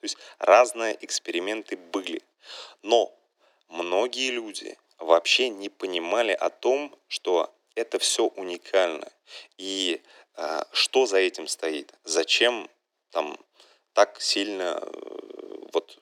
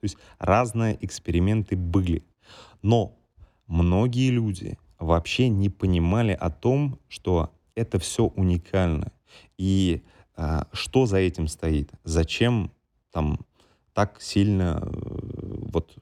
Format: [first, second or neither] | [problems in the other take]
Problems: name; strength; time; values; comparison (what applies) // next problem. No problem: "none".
second | thin; very; fading below 350 Hz